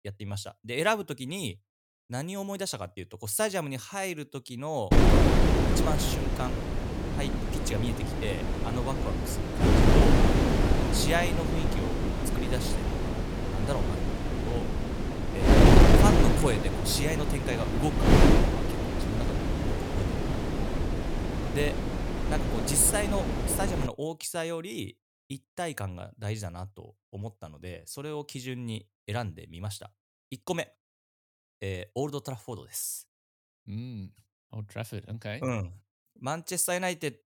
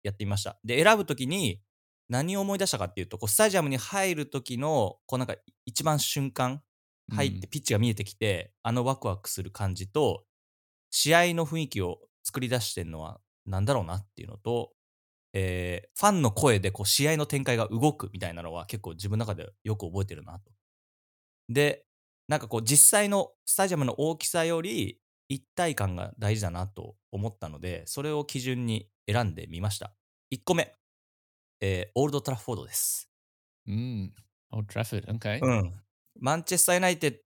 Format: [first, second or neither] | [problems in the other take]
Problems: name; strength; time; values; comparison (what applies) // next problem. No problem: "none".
second | wind noise on the microphone; heavy; from 5 to 24 s; 3 dB above the speech